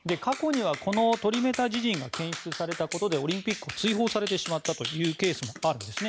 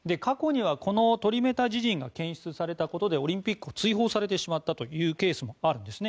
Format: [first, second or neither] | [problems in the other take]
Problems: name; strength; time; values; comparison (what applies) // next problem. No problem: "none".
second | background sound (Clapping); 10 dB below the speech